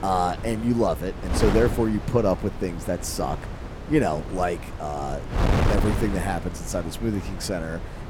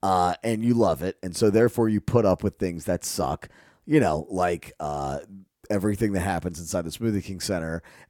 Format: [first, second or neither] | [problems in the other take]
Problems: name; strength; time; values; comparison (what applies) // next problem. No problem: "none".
second | wind noise on the microphone; heavy; 7 dB below the speech